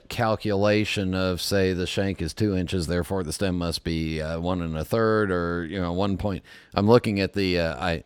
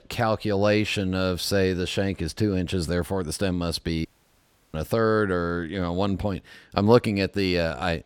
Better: first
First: none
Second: audio cutting out; at 4 s for 0.5 s

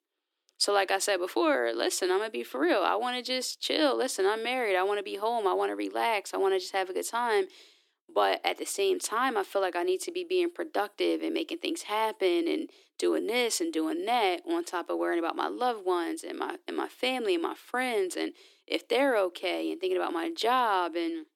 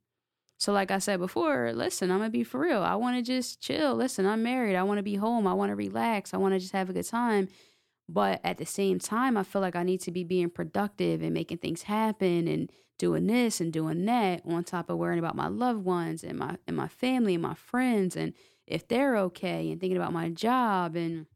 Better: second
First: thin; somewhat; fading below 300 Hz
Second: none

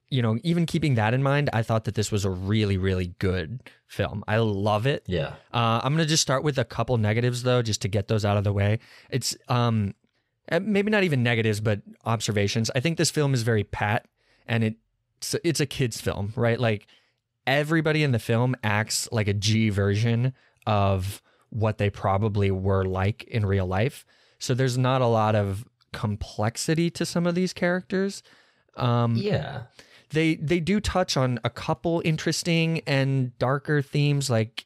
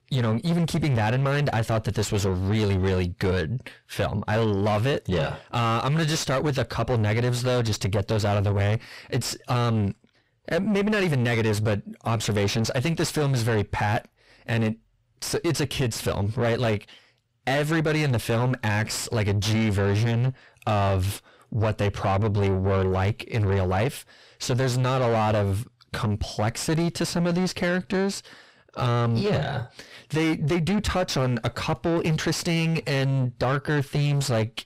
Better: first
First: none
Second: distortion; heavy; 6 dB below the speech

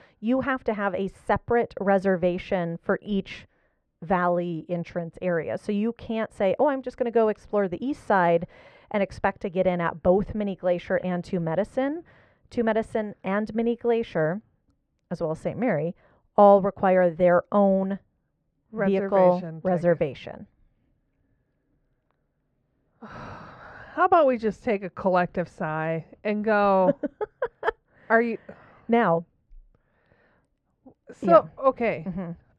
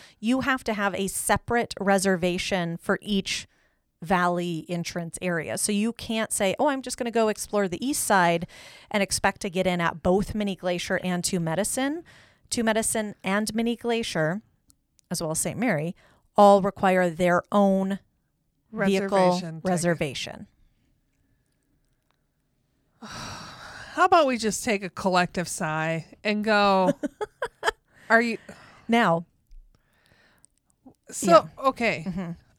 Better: second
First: muffled; very; fading above 2 kHz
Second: none

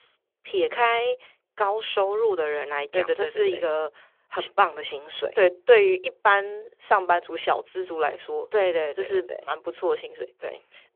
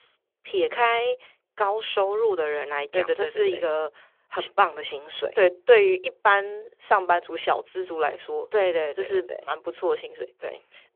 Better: neither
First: phone-call audio; nothing above 3.5 kHz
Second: phone-call audio; nothing above 3.5 kHz

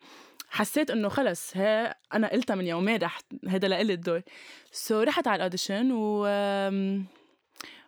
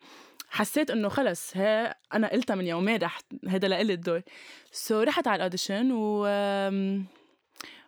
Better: neither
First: none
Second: none

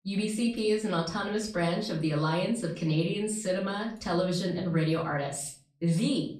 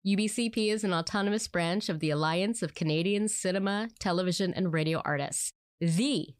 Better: second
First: room echo; slight; dies away in 0.4 s // off-mic speech; far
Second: none

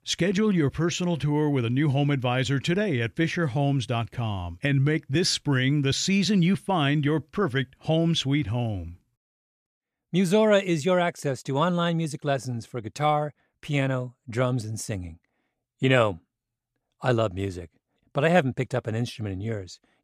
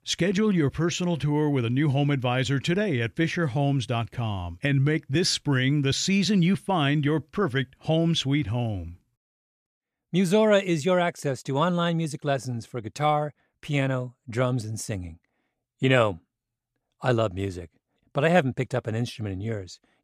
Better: neither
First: none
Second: none

